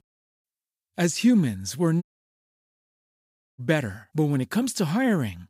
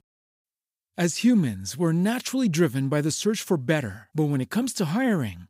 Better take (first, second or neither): second